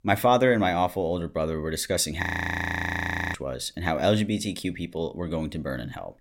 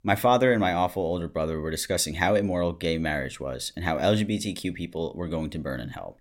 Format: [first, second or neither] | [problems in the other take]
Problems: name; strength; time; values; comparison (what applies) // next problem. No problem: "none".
second | audio freezing; at 2 s for 1 s